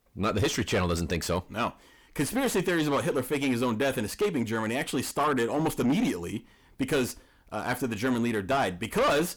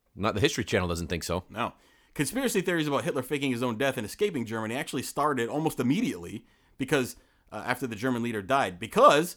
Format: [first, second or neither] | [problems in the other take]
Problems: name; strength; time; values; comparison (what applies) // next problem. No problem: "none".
second | distortion; heavy; 5 dB below the speech